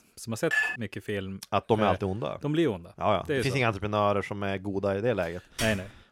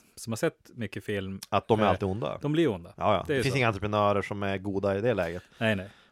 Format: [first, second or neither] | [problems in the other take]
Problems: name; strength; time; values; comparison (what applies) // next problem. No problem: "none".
second | clattering dishes; loud; at 0.5 s; peak 2 dB above the speech // keyboard typing; noticeable; at 5.5 s; peak 6 dB below the speech